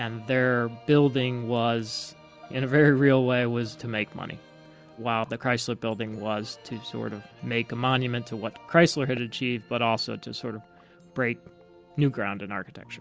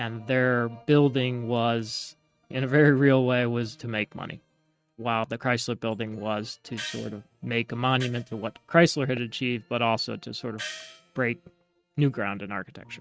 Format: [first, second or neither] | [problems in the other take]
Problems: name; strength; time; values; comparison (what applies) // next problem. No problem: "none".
first | noise reduction (neural mask model RNNoise)